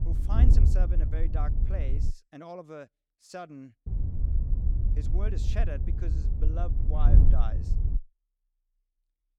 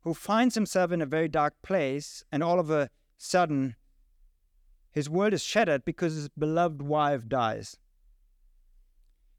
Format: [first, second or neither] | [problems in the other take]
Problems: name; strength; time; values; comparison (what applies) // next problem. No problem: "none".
second | wind noise on the microphone; heavy; until 2 s and from 4 to 8 s; 3 dB below the speech